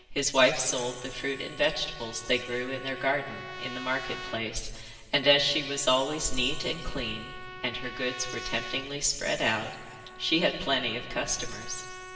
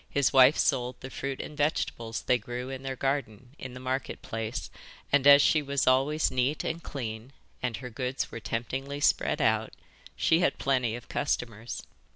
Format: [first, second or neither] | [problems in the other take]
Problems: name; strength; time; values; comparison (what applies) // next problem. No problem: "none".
second | background sound (Trumpet); 15 dB below the speech // room echo; dies away in 2.1 s